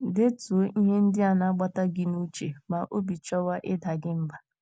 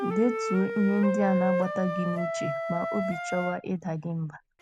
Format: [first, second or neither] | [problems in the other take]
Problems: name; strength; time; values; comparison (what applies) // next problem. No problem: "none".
first | background sound (Wind instrument, woodwind instrument); 4 dB below the speech